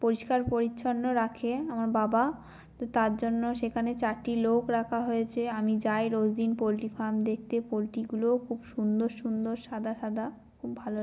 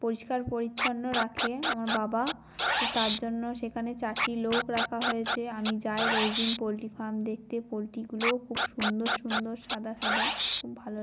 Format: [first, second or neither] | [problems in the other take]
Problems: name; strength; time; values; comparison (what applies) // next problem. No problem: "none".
first | background sound (Scratching (performance technique)); as loud as the speech